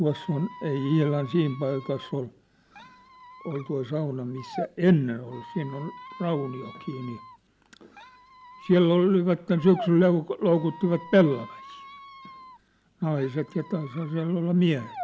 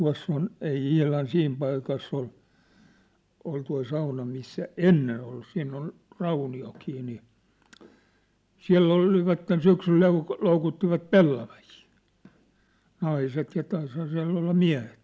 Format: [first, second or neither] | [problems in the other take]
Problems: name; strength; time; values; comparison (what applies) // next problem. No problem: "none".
second | background sound (Squeak); 18 dB below the speech